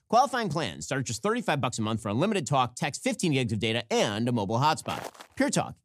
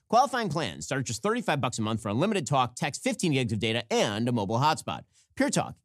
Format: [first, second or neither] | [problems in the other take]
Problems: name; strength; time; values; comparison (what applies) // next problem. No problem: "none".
second | footsteps; faint; at 5 s; peak 10 dB below the speech